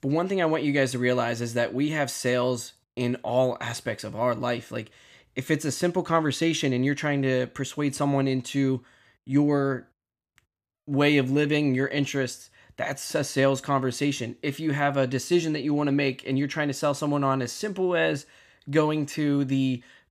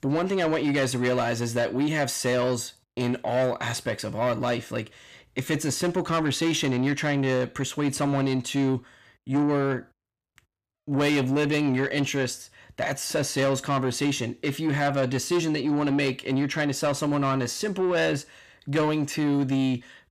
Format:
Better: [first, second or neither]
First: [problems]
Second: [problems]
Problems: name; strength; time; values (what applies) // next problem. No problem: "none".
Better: first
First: none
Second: distortion; slight; 10 dB below the speech